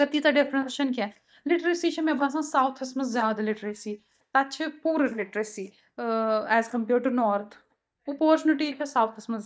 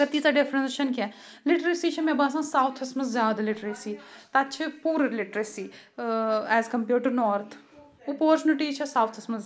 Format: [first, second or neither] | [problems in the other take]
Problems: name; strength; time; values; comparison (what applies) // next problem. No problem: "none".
second | noise reduction (neural mask model DeepFilterNet 3)